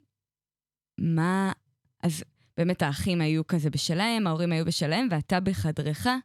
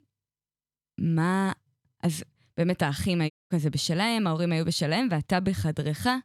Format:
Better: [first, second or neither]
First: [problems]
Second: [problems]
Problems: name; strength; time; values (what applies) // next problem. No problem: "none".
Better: first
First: none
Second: audio cutting out; at 3.5 s